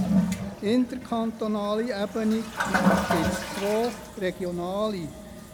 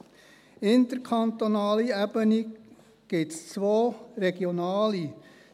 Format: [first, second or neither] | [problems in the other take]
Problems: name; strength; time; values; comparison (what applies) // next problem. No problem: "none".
second | background sound (Toilet flush); as loud as the speech